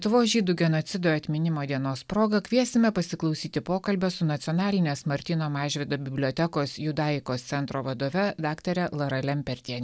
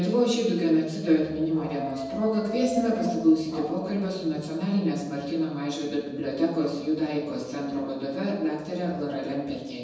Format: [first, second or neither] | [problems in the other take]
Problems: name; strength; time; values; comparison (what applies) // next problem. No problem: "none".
first | background sound (Dog); 11 dB below the speech // room echo; dies away in 1.1 s